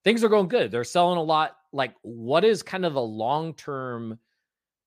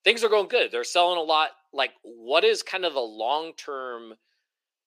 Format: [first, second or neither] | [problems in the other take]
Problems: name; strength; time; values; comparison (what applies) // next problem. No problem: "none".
first | thin; very; fading below 350 Hz